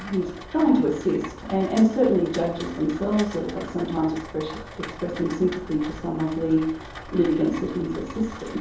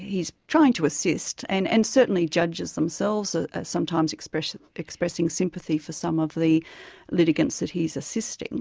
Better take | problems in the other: second | background sound (Rain); 14 dB below the speech // room echo; dies away in 2.8 s

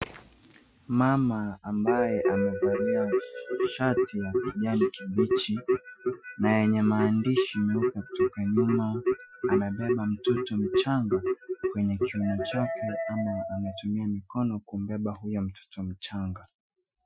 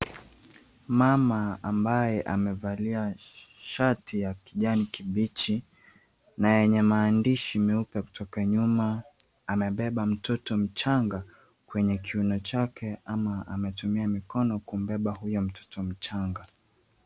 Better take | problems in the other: second | noise reduction (classical method Wiener filter)

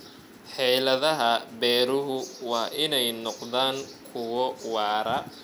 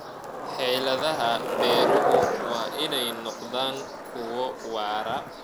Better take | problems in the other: first | background sound (Skateboard); 1 dB above the speech

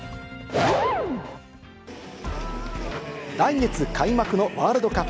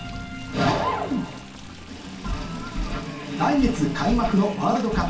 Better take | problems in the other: first | background sound (Stream); 20 dB below the speech // room echo; dies away in 0.2 s

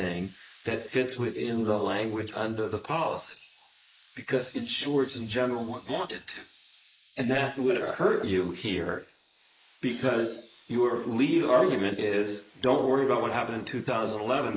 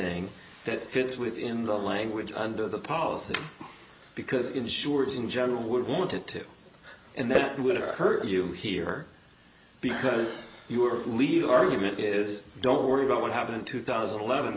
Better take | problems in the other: second | noise reduction (neural mask model Resemble Enhance denoiser)

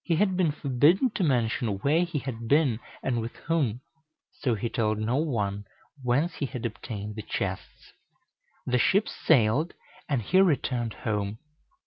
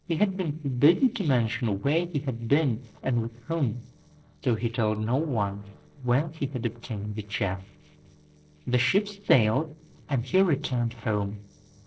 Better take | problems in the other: first | noise reduction (neural separator model SepFormer DNS4)

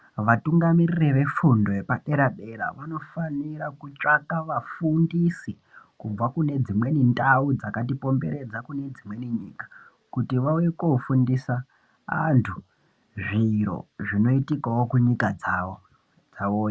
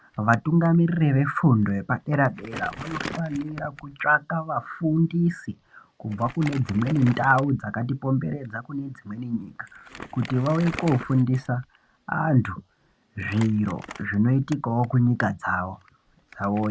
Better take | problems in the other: first | background sound (Crumpling, crinkling); 18 dB below the speech

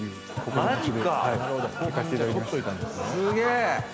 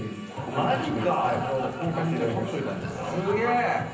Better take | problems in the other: first | background sound (Burping, eructation); 19 dB below the speech // room echo; dies away in 0.6 s

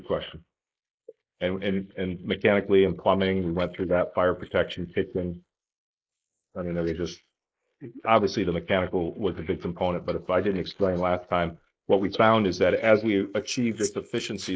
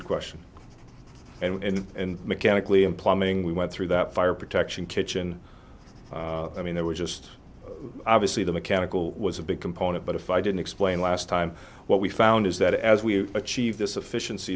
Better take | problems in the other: second | noise reduction (neural mask model Resemble Enhance denoiser)

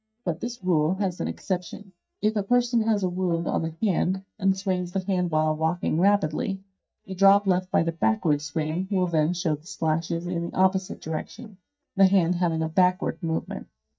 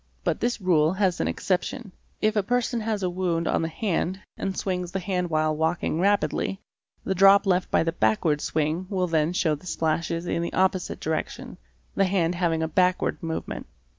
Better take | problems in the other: second | noise reduction (neural mask model DeepFilterNet 3)

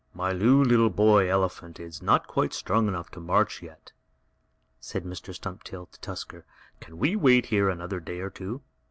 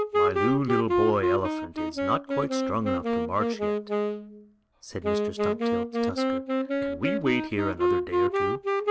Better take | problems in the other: first | background sound (Wind instrument, woodwind instrument); 4 dB above the speech

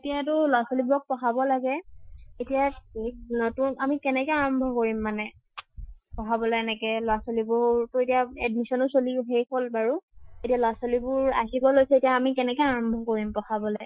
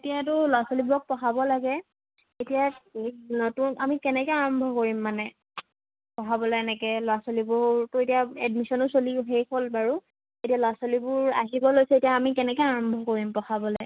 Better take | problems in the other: second | noise reduction (classical method Wiener filter)

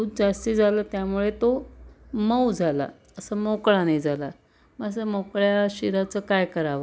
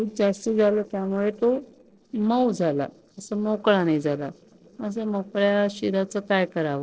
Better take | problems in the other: first | noise reduction (neural separator model SepFormer DNS4)

